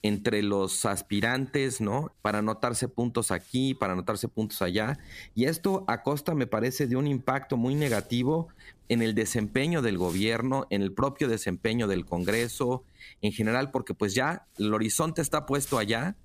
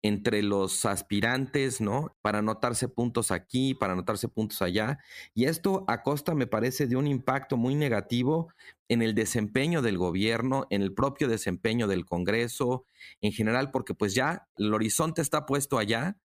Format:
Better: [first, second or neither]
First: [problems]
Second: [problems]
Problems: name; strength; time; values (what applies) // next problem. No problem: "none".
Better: second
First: wind noise on the microphone; occasional gusts; 20 dB below the speech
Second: none